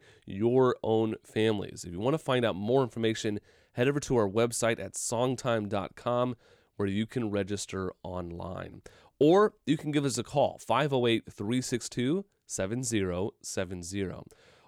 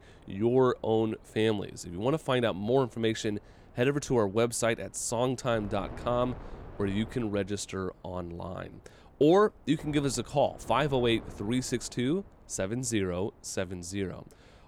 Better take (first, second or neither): first